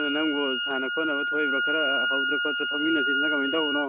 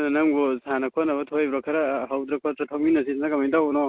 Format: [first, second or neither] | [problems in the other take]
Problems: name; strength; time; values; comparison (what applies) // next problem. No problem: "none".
second | background sound (Wind instrument, woodwind instrument); 2 dB above the speech